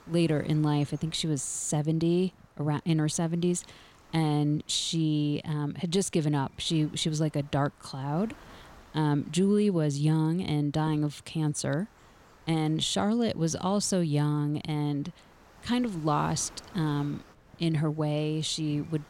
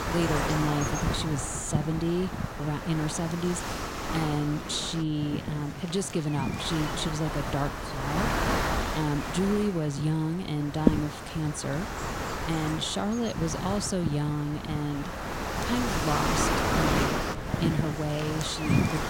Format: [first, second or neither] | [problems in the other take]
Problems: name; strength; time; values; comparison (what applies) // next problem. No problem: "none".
first | wind noise on the microphone; heavy; 2 dB above the speech; occasional gusts in the first